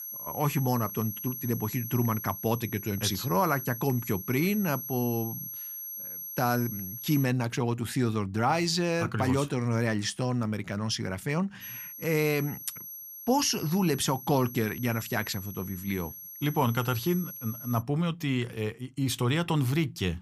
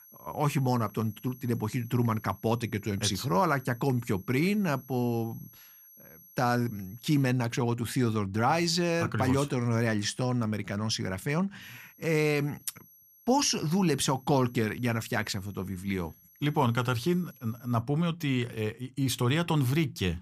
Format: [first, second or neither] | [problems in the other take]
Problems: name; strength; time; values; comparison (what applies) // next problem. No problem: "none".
second | high-pitched whine; loud; until 7 s and from 12 to 18 s; 11.5 kHz, 9 dB below the speech; faint in the second